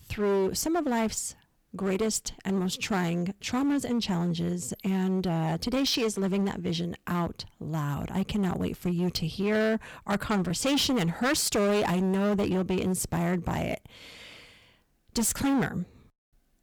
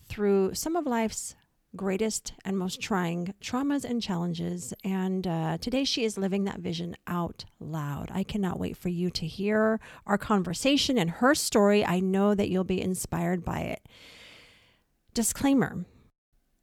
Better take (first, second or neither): second